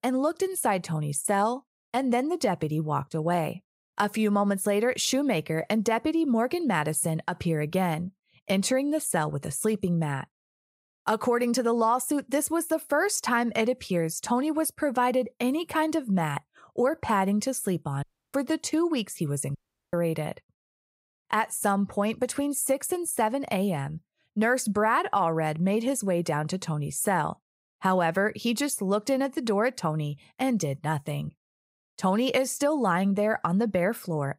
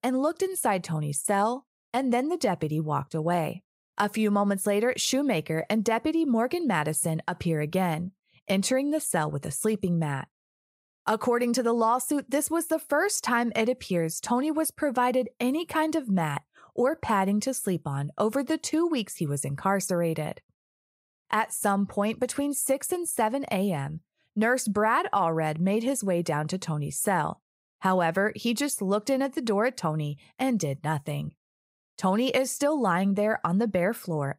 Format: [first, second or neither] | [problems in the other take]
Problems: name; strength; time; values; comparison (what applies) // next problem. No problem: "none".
second | audio cutting out; at 18 s and at 20 s